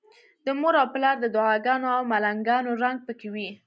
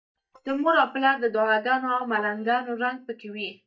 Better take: first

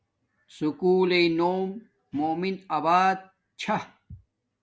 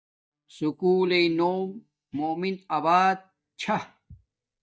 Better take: first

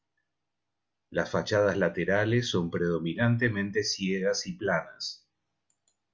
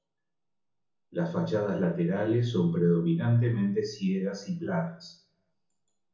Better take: first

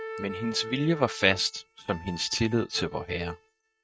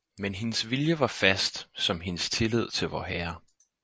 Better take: second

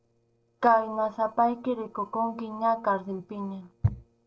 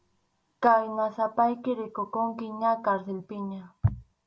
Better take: second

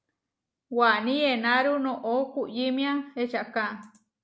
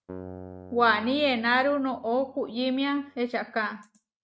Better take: first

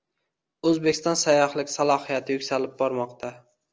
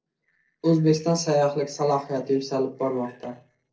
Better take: first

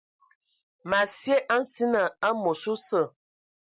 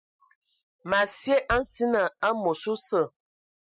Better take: first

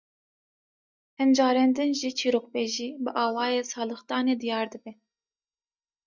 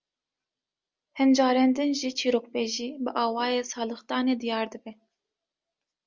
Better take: second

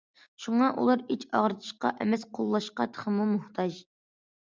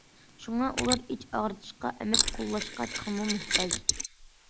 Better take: first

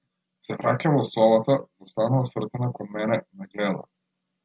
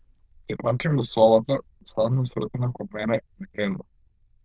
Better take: first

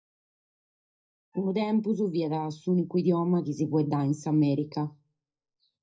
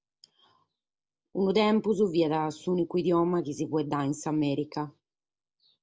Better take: second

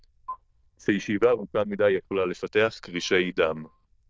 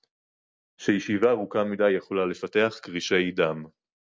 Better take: second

